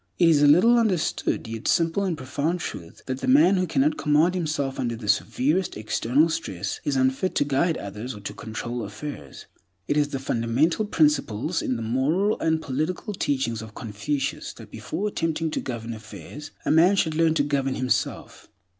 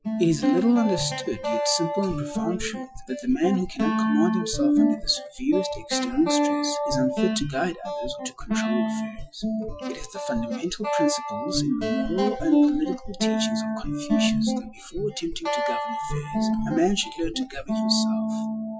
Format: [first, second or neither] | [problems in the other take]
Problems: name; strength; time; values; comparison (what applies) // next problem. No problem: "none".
first | noise reduction (classical method Wiener filter)